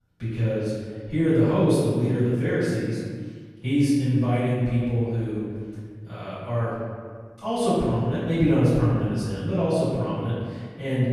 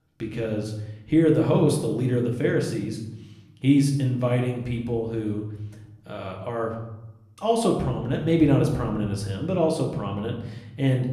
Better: second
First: room echo; strong; dies away in 1.7 s // off-mic speech; far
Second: room echo; slight; dies away in 0.8 s // off-mic speech; somewhat distant

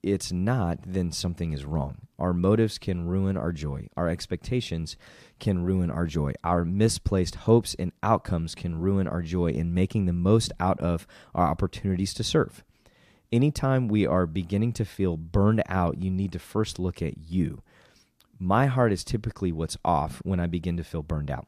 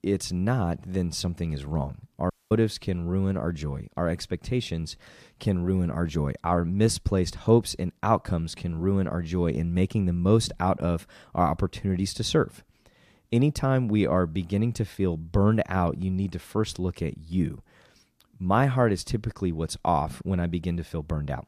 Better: first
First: none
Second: audio cutting out; at 2.5 s

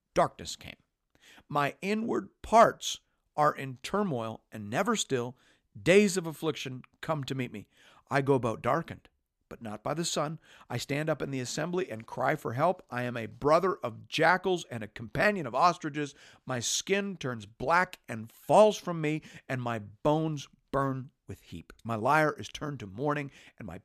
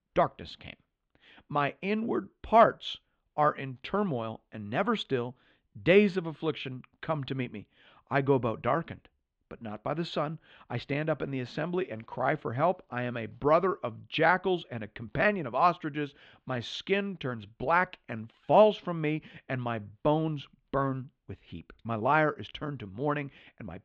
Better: first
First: none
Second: muffled; slightly; fading above 3.5 kHz

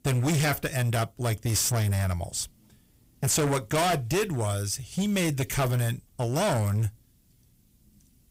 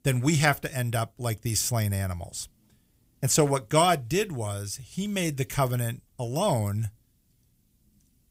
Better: second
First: distortion; heavy; 17% of the sound clipped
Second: none

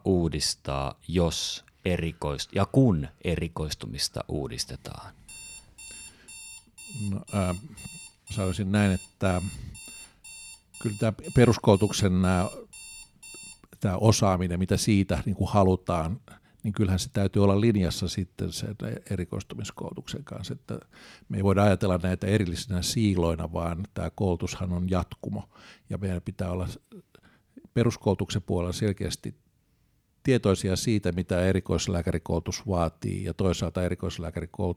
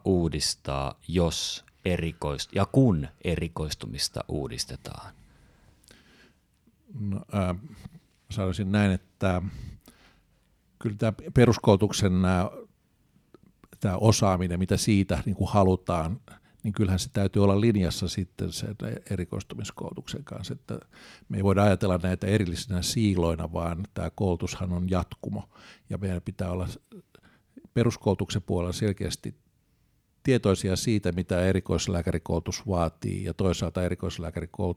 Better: second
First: alarm; faint; from 5.5 to 14 s; peak 15 dB below the speech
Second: none

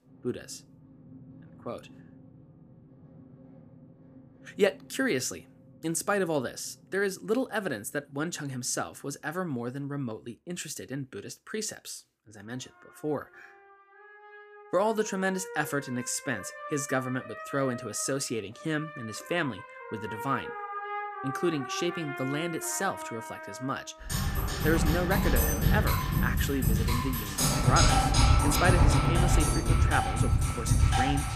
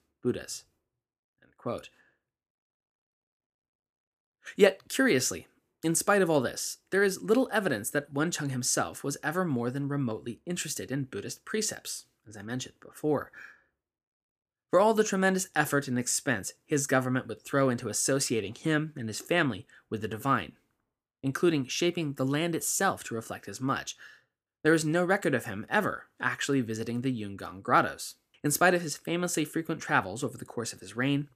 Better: second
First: background music; very loud; throughout; 4 dB above the speech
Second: none

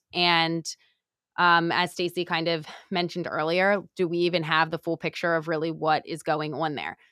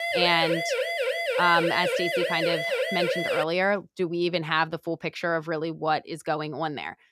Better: first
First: none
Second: siren; loud; until 3.5 s; peak 1 dB above the speech

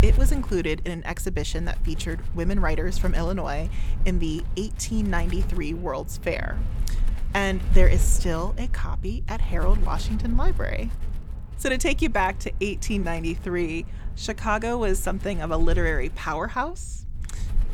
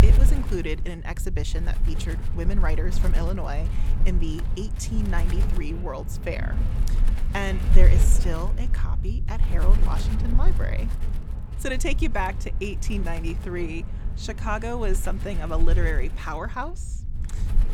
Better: first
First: wind noise on the microphone; occasional gusts; 15 dB below the speech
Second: wind noise on the microphone; heavy; 9 dB below the speech

